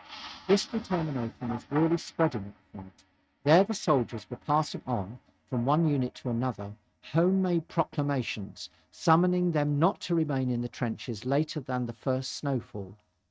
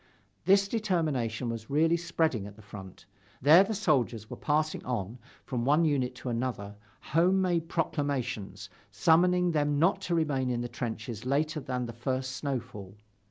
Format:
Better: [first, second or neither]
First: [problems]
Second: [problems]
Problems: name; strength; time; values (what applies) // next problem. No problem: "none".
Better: second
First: noise reduction (neural mask model RNNoise)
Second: none